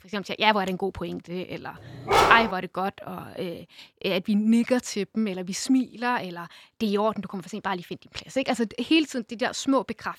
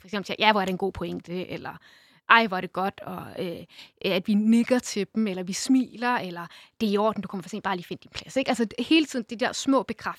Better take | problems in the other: second | dog barking; loud; at 2 s; peak 6 dB above the speech

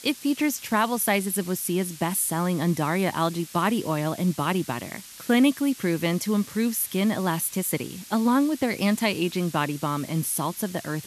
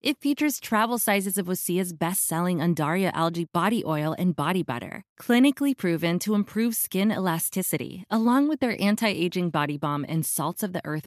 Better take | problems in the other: second | hiss; noticeable; throughout; 15 dB below the speech

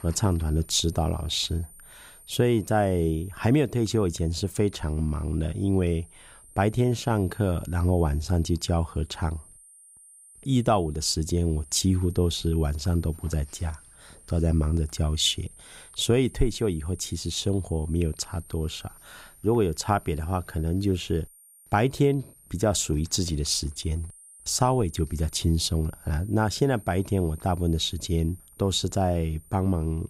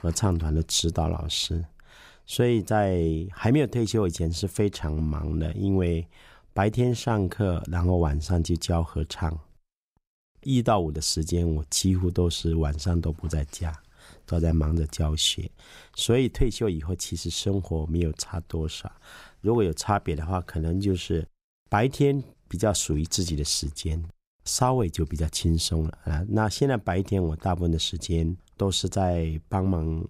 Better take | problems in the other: second | high-pitched whine; faint; throughout; 9 kHz, 20 dB below the speech

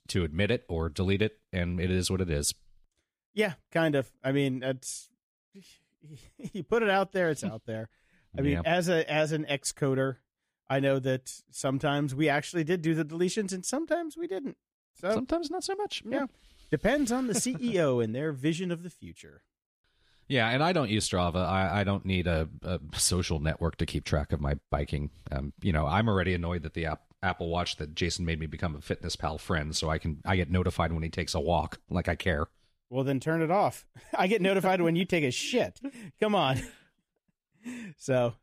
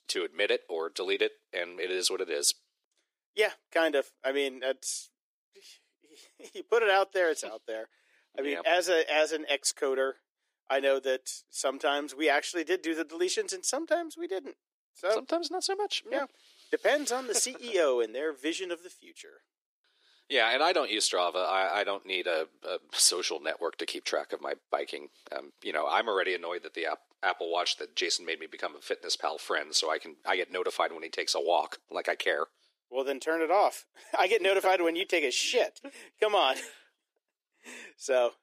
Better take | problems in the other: first | thin; very; fading below 350 Hz

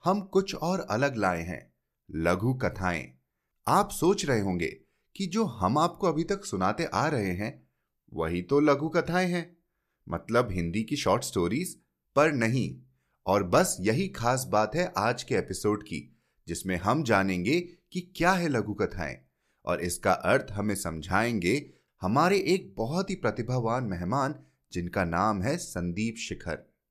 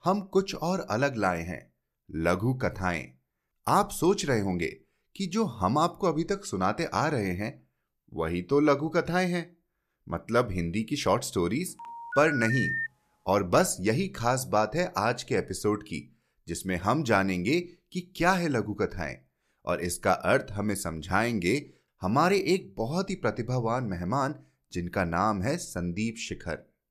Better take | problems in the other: first | phone ringing; noticeable; from 12 to 13 s; peak level with the speech

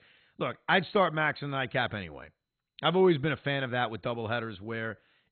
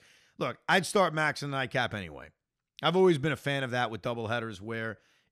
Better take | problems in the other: second | garbled, watery; badly; nothing above 4 kHz

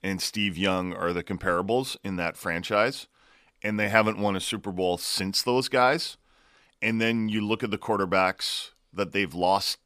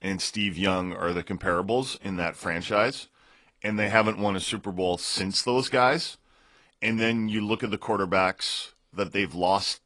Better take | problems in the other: first | garbled, watery; slightly; nothing above 10 kHz

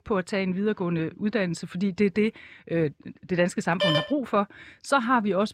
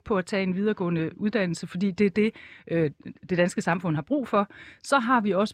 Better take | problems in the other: second | phone ringing; loud; at 4 s; peak 2 dB above the speech

